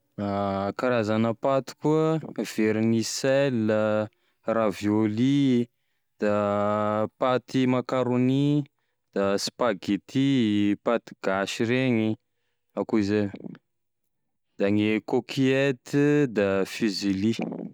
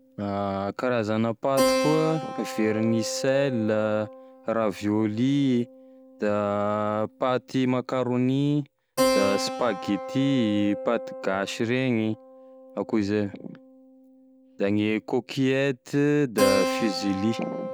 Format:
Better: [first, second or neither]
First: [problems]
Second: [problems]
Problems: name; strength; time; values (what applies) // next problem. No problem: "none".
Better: first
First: none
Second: background sound (Keyboard (musical)); 7 dB below the speech